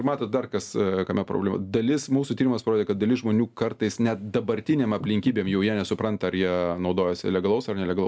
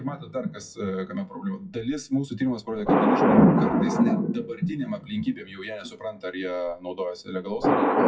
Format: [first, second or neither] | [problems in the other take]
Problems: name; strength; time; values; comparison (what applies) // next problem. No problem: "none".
first | noise reduction (classical method WPE with log-MMSE)